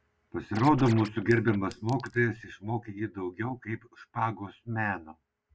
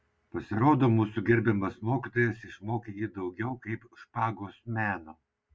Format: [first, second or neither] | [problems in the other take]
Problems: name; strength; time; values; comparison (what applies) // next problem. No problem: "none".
second | background sound (Chink, clink + Scratching (performance technique)); 14 dB below the speech